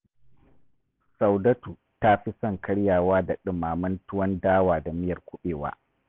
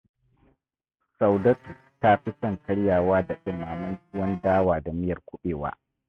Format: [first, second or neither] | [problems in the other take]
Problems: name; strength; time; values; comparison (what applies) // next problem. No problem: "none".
first | noise reduction (neural mask model RNNoise)